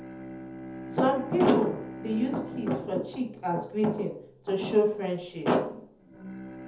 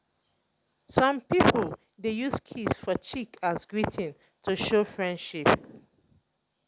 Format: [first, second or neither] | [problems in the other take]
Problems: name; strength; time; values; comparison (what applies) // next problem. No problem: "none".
second | background sound (Bowed string instrument); 14 dB below the speech // room echo; dies away in 0.5 s